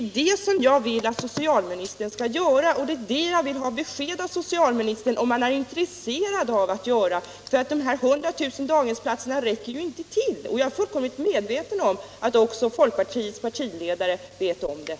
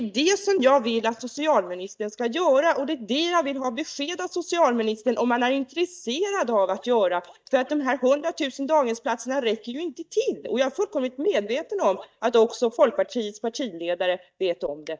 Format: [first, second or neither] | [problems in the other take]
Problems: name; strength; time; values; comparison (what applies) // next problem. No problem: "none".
first | noise reduction (neural mask model DeepFilterNet 3)